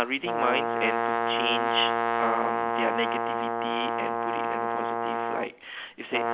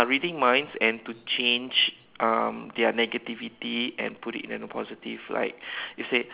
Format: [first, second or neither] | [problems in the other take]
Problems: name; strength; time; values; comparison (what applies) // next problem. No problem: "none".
second | background sound (Brass instrument); 4 dB above the speech